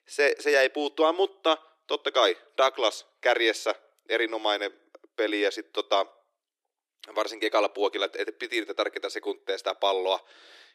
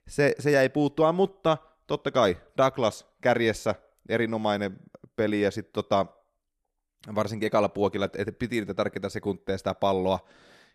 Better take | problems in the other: second | thin; very; fading below 300 Hz

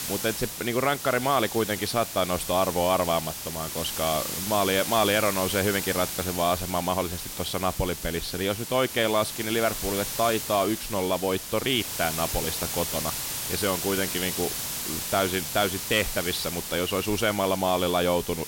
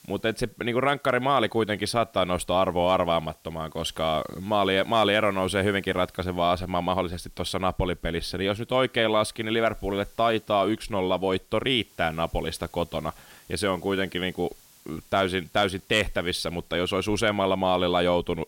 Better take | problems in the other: second | hiss; loud; throughout; 4 dB below the speech; faint in the second

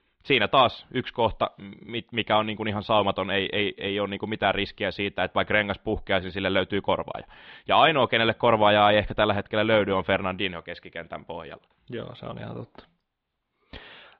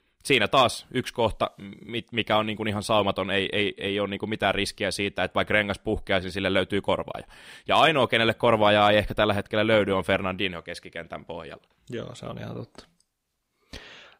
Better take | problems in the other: second | muffled; slightly; fading above 3.5 kHz

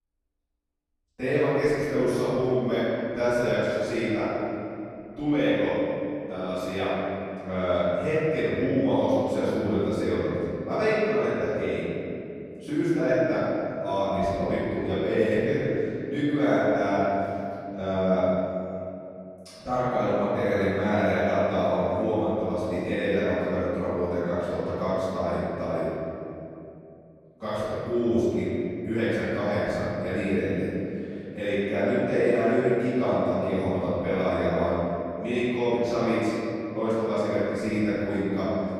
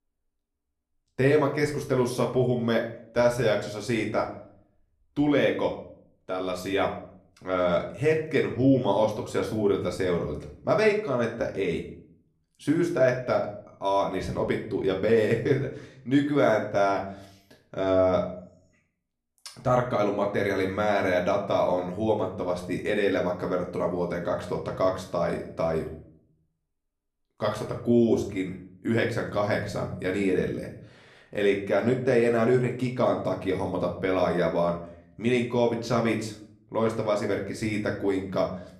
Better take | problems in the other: second | room echo; strong; dies away in 2.7 s; slight in the second // off-mic speech; far; somewhat distant in the second

